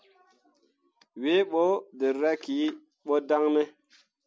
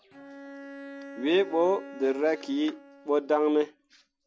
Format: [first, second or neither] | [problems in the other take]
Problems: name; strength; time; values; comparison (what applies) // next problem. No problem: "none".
first | background sound (Bowed string instrument); 17 dB below the speech